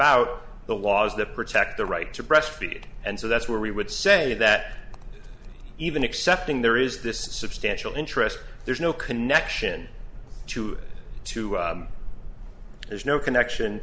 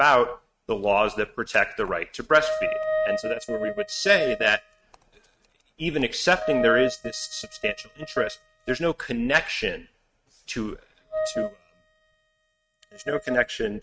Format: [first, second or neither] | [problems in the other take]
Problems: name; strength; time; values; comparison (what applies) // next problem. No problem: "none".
first | noise reduction (neural mask model RNNoise)